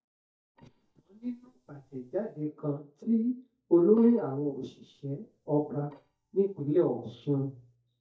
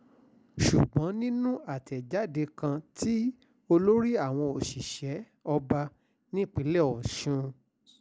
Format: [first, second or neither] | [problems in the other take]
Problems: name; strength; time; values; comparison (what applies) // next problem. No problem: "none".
second | noise reduction (neural mask model DeepFilterNet 3)